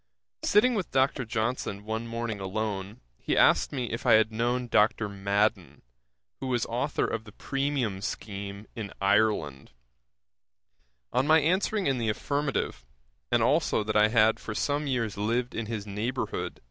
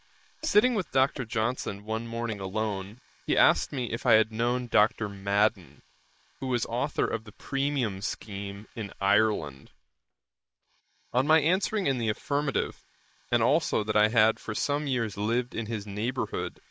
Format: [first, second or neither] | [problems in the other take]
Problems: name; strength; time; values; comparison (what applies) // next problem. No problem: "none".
first | noise reduction (neural mask model Resemble Enhance denoiser)